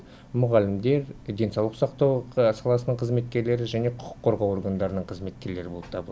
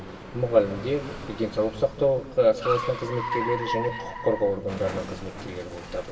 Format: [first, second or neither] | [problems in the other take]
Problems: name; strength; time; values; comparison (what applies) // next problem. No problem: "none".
first | background sound (Car); 9 dB below the speech // room echo; dies away in 1.3 s